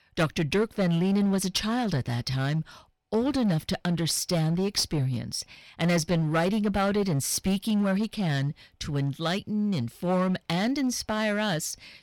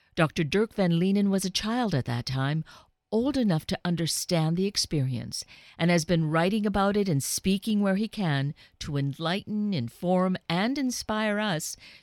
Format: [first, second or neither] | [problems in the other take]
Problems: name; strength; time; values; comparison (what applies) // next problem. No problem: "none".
second | distortion; slight; 9% of the sound clipped